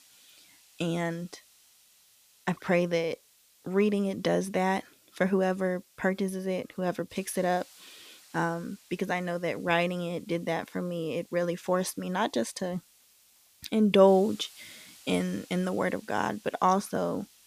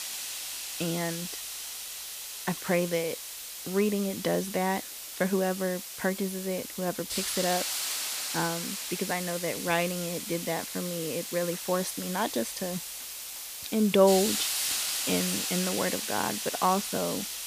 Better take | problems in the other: first | hiss; loud; throughout; 3 dB below the speech; faint in the first

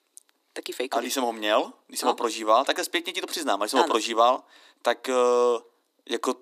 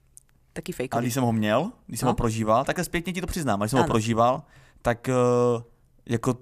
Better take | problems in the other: second | thin; somewhat; fading below 300 Hz

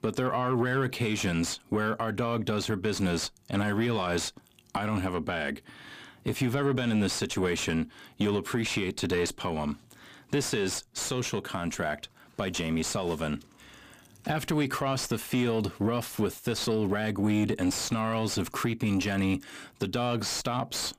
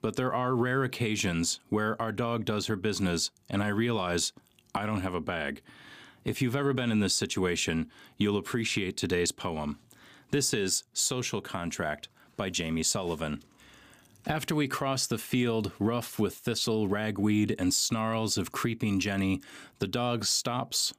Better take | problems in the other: second | distortion; slight; 10 dB below the speech

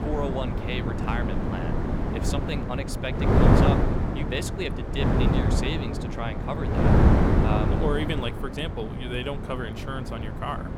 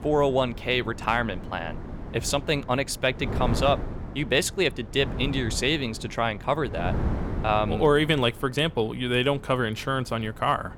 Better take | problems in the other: second | wind noise on the microphone; heavy; 2 dB above the speech; occasional gusts in the second

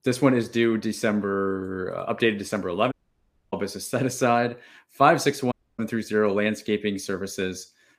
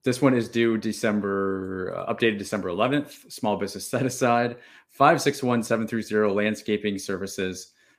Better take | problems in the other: second | audio cutting out; at 3 s for 0.5 s and at 5.5 s

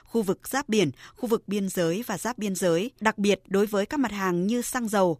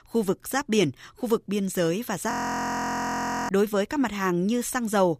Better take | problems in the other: first | audio freezing; at 2.5 s for 1 s

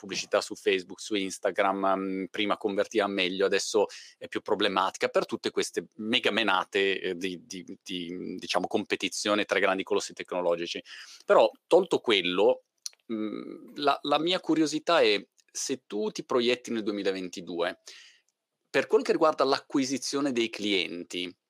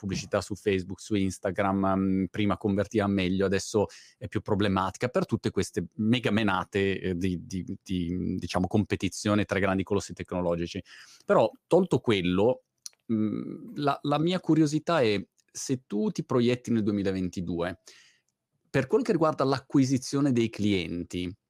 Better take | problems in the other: second | thin; somewhat; fading below 400 Hz

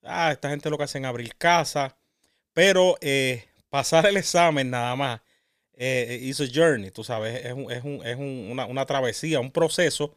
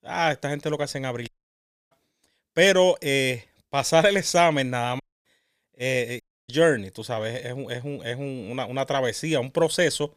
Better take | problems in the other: first | audio cutting out; at 1.5 s for 0.5 s, at 5 s and at 6 s

